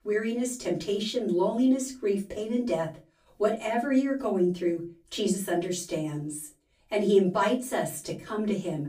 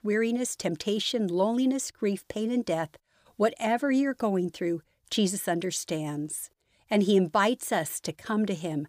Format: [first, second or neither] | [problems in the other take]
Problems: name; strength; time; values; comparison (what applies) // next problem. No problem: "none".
second | off-mic speech; far // room echo; very slight; dies away in 0.2 s